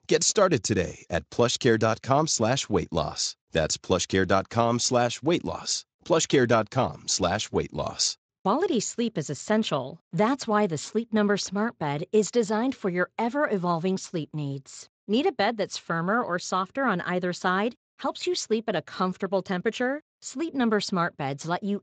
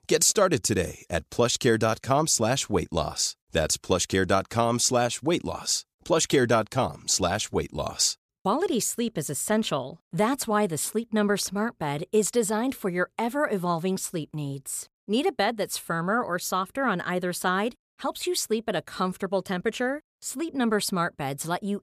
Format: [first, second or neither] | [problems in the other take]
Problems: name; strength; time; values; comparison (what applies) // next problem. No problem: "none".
second | garbled, watery; slightly; nothing above 7.5 kHz